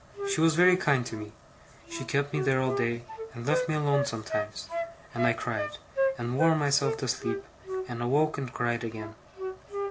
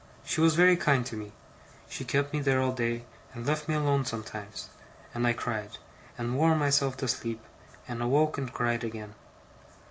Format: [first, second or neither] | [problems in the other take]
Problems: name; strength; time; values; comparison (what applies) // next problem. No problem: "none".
second | background sound (Wind instrument, woodwind instrument); 5 dB below the speech